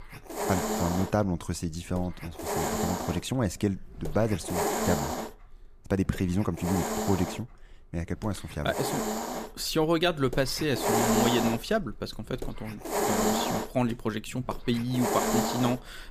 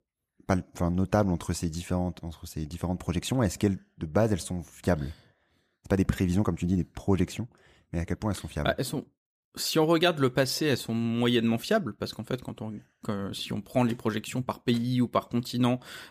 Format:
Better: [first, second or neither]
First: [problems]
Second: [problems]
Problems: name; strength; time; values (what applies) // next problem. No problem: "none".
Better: second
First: hiss; loud; throughout; 1 dB below the speech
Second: none